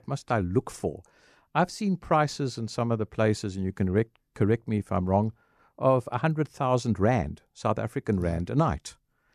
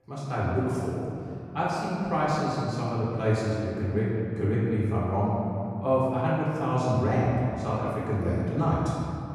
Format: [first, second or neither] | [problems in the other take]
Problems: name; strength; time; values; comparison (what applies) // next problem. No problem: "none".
first | off-mic speech; far // room echo; strong; dies away in 2.5 s